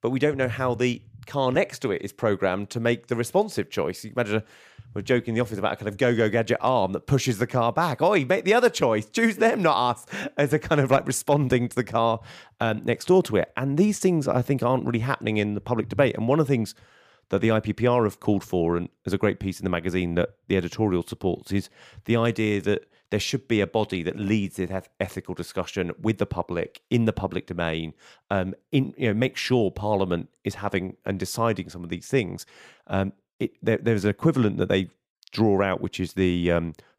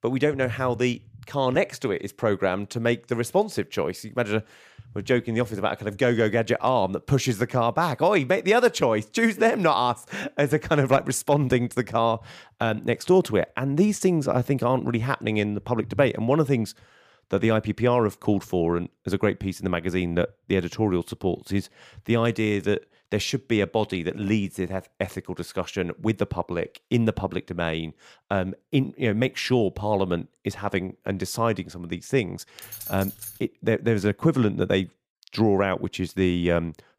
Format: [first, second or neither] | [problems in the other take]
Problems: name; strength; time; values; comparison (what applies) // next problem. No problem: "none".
first | jangling keys; noticeable; at 33 s; peak 10 dB below the speech